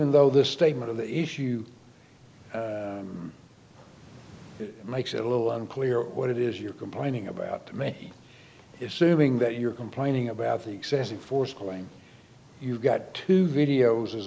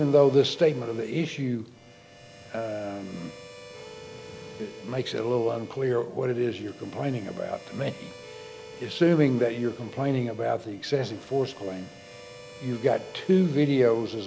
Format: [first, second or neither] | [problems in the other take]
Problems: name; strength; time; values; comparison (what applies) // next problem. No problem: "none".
first | background sound (Harmonica); 18 dB below the speech